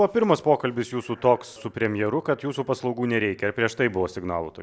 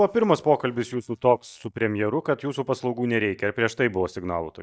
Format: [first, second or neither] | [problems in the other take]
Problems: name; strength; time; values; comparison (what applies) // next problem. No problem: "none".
first | noise reduction (neural mask model DeepFilterNet 3)